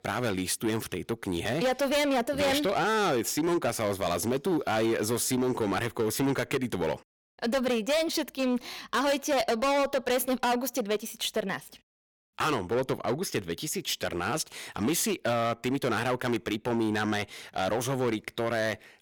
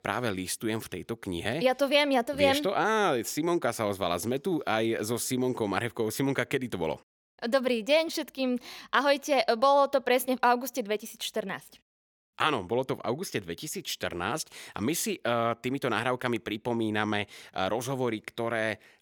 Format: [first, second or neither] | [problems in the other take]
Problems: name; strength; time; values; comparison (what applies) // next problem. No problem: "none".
second | distortion; heavy; 13% of the sound clipped